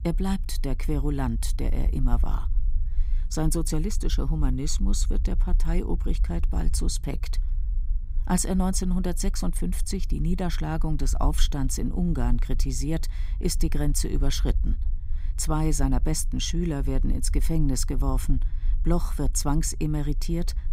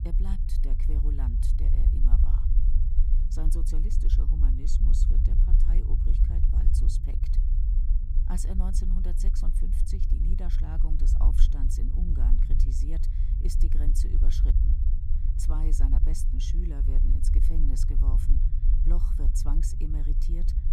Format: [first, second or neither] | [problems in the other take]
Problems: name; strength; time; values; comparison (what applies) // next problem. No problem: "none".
first | low rumble; loud; throughout; 2 dB below the speech; faint in the first